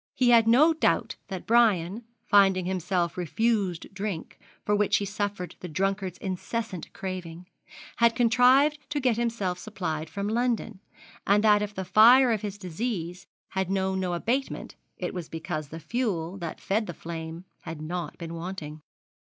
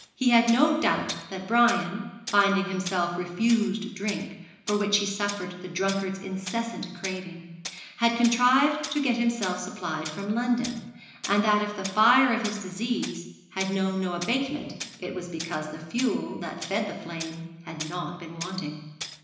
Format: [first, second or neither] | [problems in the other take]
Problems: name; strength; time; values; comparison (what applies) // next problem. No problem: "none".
first | background sound (Tools); 15 dB below the speech // room echo; dies away in 1 s